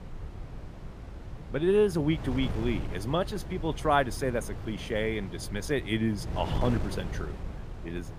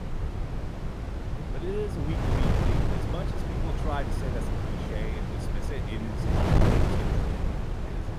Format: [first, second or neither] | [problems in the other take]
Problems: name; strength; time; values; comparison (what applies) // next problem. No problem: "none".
first | wind noise on the microphone; heavy; 4 dB above the speech; occasional gusts in the first